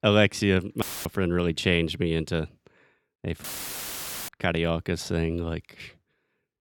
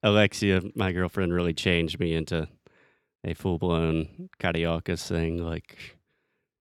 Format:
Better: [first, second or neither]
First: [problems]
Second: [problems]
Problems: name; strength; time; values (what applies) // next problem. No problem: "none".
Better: second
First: audio cutting out; filled with static; at 1 s and at 3.5 s for 1 s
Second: none